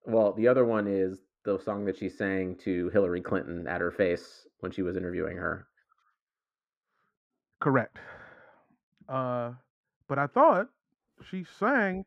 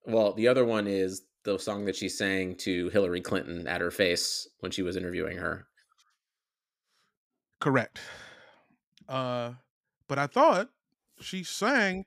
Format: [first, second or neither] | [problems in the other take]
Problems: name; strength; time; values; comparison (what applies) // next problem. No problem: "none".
second | muffled; very; fading above 3 kHz